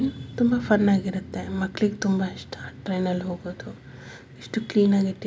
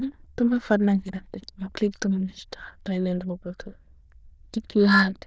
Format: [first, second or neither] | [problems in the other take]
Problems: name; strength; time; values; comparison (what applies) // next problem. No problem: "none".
first | noise reduction (neural diffusion model UNIVERSE++)